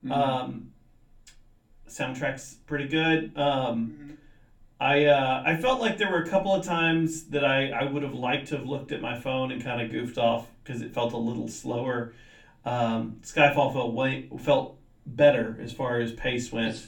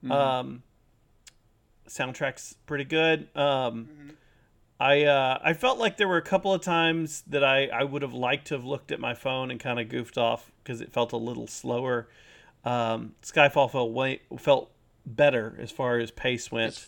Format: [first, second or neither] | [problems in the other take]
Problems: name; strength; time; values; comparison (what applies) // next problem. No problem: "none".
second | off-mic speech; far // room echo; very slight; dies away in 0.3 s